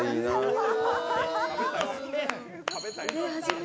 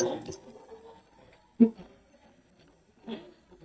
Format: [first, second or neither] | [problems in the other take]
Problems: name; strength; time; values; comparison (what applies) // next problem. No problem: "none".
first | noise reduction (neural mask model DeepFilterNet 3)